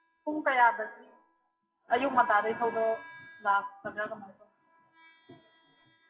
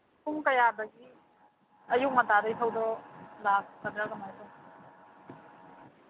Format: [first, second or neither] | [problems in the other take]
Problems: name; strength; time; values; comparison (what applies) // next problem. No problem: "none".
second | noise reduction (classical method WPE with log-MMSE)